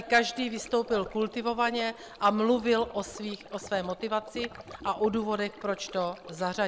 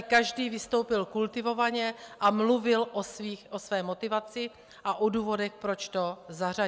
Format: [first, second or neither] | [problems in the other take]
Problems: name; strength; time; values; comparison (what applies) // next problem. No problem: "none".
second | background sound (Stream); 17 dB below the speech